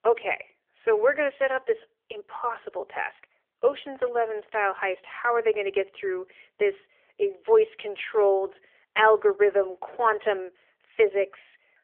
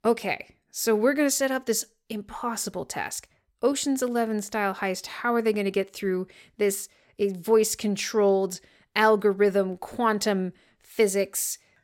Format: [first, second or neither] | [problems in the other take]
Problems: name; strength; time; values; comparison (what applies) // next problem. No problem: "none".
second | phone-call audio; nothing above 3 kHz